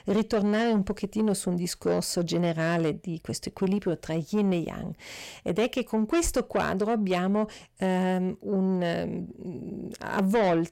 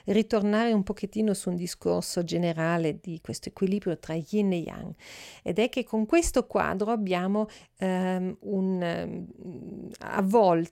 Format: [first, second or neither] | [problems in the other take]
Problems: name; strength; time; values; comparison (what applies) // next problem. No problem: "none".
second | distortion; slight; 10 dB below the speech